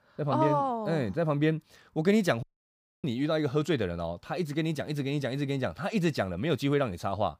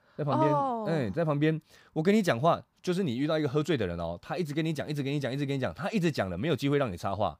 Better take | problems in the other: second | audio cutting out; at 2.5 s for 0.5 s

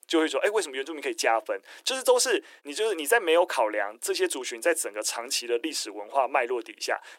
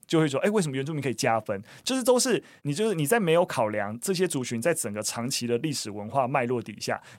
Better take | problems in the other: second | thin; very; fading below 300 Hz

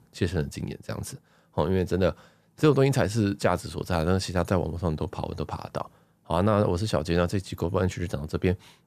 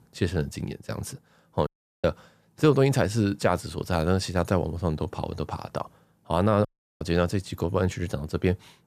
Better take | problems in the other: first | audio cutting out; at 1.5 s and at 6.5 s

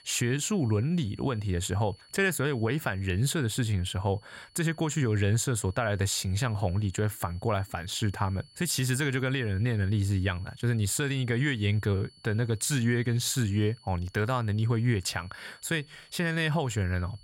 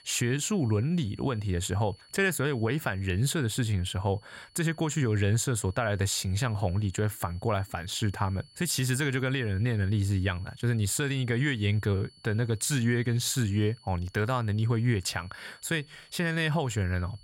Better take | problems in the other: neither | high-pitched whine; faint; throughout; 4.5 kHz, 25 dB below the speech; the same in both

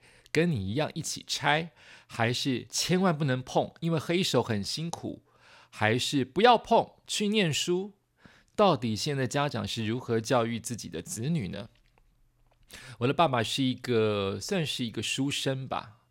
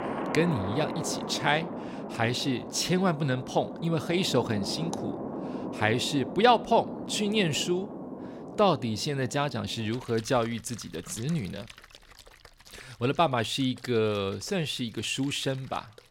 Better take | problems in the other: first | rain or running water; loud; throughout; 10 dB below the speech

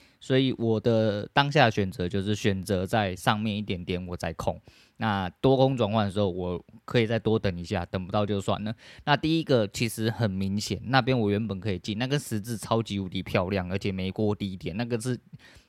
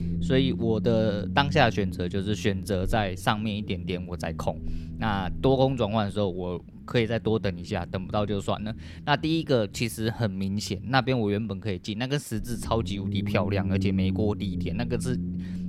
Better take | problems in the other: first | low rumble; noticeable; throughout; 15 dB below the speech

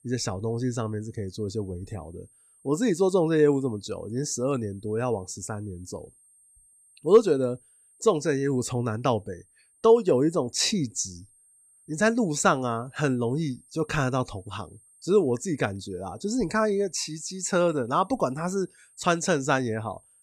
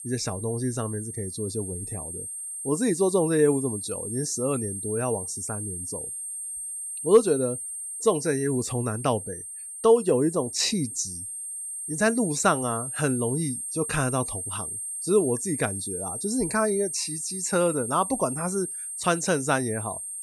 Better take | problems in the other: first | high-pitched whine; loud; throughout; 8.5 kHz, 6 dB below the speech; faint in the first

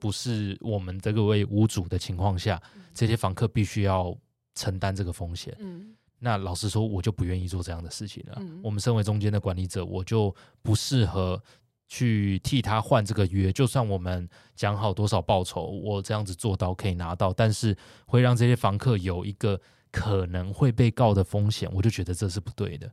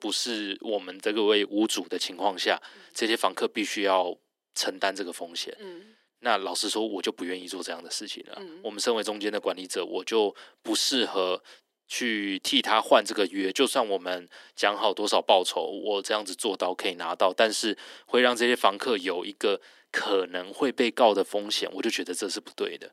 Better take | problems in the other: first | thin; very; fading below 300 Hz

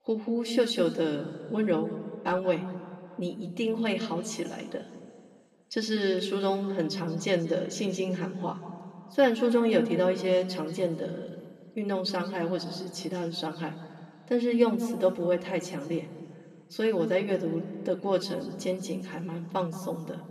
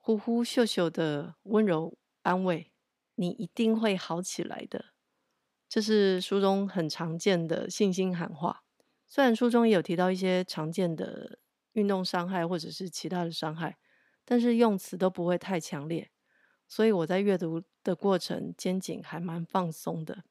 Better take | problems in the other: second | room echo; slight; dies away in 1.7 s // off-mic speech; somewhat distant

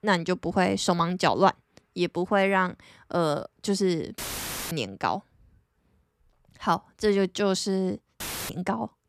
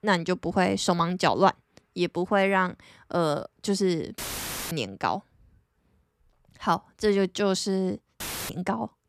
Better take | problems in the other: neither | audio cutting out; filled with static; at 4 s for 0.5 s and at 8 s; the same in both

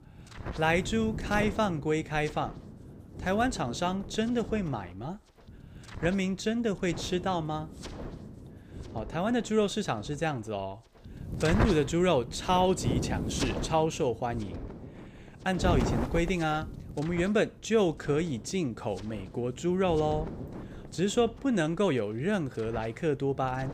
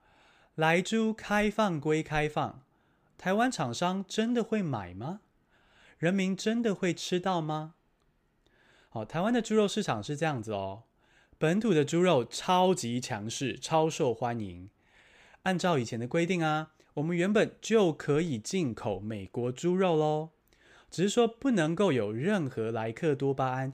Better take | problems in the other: second | wind noise on the microphone; occasional gusts; 10 dB below the speech

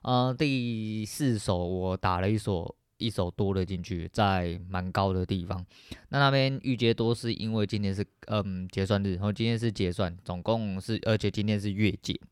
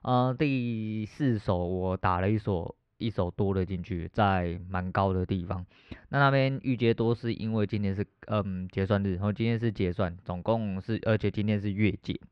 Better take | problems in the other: first | muffled; slightly; fading above 2 kHz

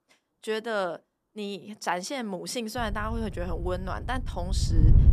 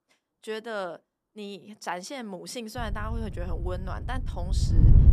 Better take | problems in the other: first | wind noise on the microphone; heavy; from 3 s on; 6 dB below the speech; occasional gusts in the first

